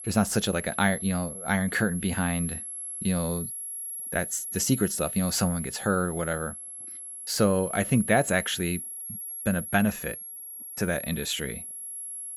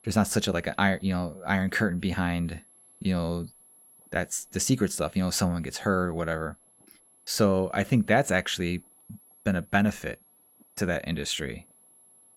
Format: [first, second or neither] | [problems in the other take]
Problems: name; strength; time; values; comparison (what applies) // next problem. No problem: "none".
second | high-pitched whine; loud; throughout; 11 kHz, 7 dB below the speech; faint in the second